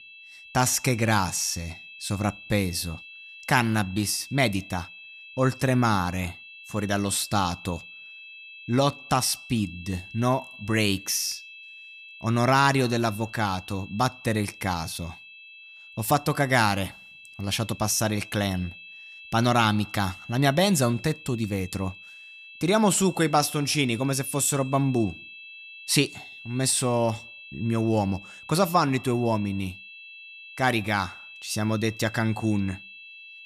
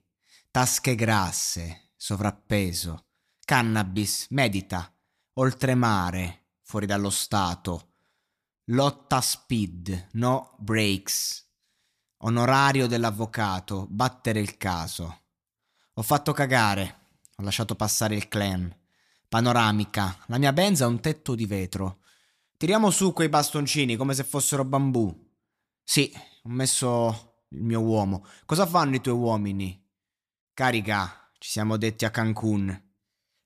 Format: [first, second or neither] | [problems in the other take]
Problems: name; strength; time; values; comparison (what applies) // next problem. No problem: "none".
second | high-pitched whine; noticeable; throughout; 2.5 kHz, 15 dB below the speech